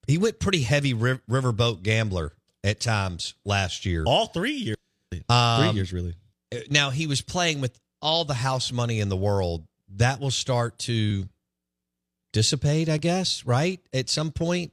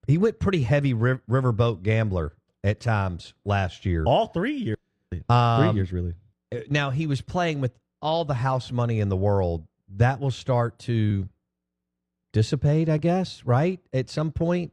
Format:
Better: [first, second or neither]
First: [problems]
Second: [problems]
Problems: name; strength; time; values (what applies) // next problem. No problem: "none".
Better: first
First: none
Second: muffled; very; fading above 2.5 kHz